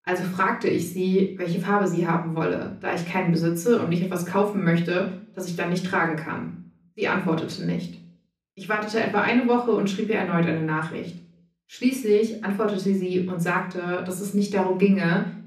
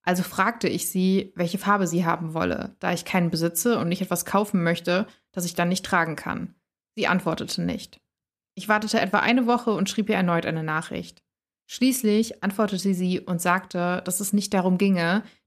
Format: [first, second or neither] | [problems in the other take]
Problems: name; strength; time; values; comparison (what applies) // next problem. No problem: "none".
second | room echo; slight; dies away in 0.5 s // off-mic speech; far